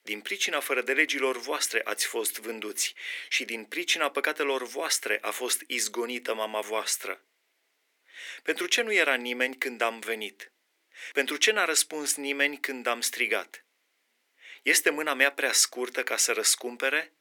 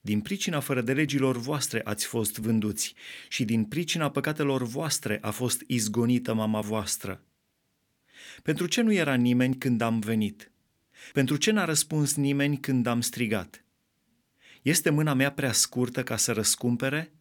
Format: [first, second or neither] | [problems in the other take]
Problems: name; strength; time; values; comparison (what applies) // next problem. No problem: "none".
second | thin; very; fading below 350 Hz